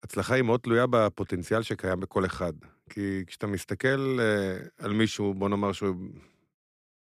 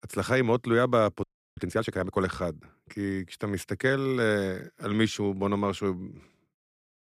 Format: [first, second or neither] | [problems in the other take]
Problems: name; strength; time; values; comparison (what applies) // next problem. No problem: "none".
first | audio freezing; at 1 s